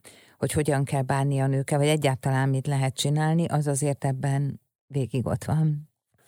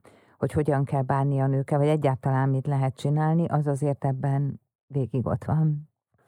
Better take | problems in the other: first | muffled; very; fading above 2 kHz

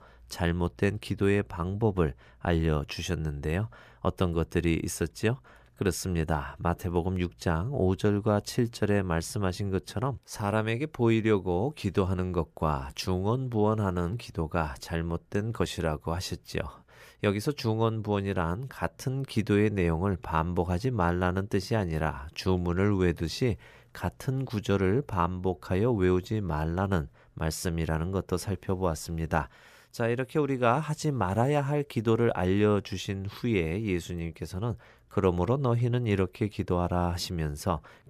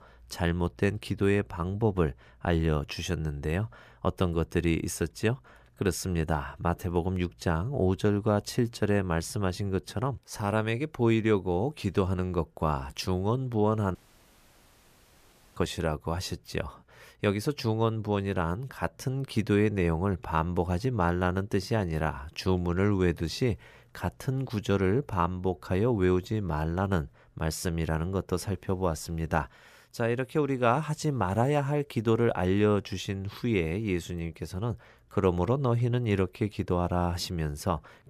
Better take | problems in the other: first | audio cutting out; at 14 s for 1.5 s

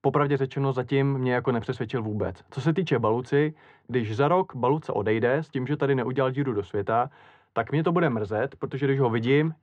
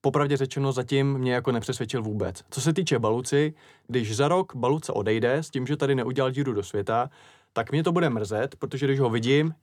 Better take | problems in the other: second | muffled; very; fading above 2 kHz

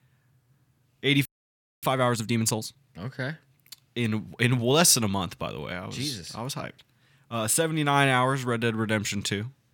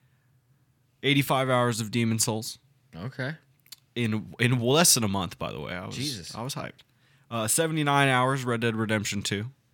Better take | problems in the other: second | audio freezing; at 1.5 s for 0.5 s

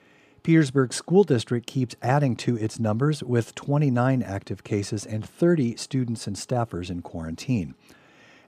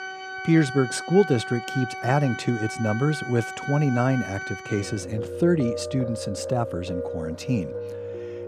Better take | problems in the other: first | background music; loud; throughout; 8 dB below the speech

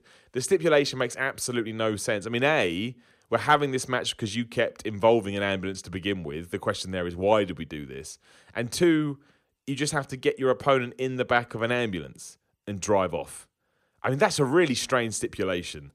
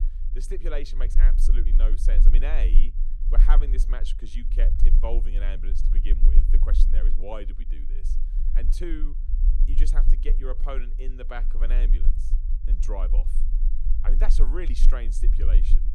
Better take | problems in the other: first | low rumble; noticeable; throughout; 10 dB below the speech

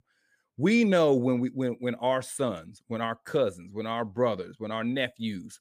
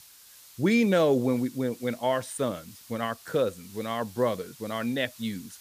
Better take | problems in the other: first | hiss; faint; throughout; 20 dB below the speech

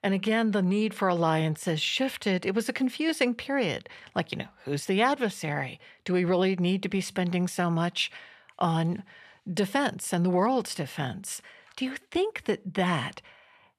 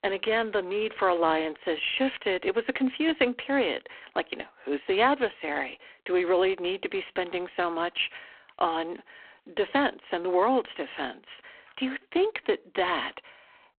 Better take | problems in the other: first | phone-call audio; poor line

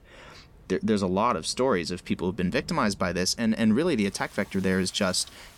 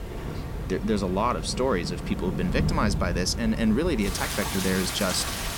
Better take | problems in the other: first | rain or running water; loud; throughout; 4 dB below the speech; faint in the first

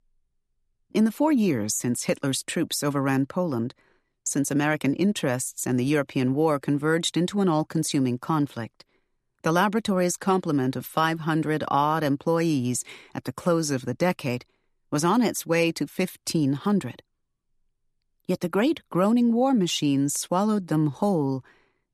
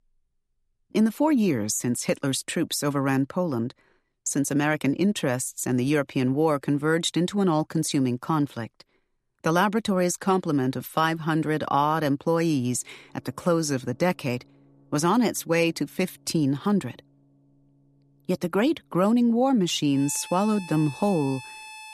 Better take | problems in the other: first | background music; noticeable; from 13 s on; 20 dB below the speech

